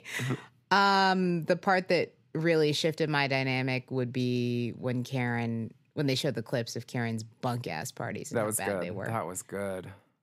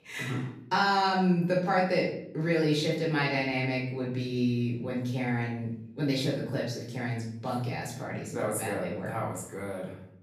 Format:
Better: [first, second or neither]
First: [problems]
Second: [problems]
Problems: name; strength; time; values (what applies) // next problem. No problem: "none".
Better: first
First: none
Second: off-mic speech; far // room echo; noticeable; dies away in 0.6 s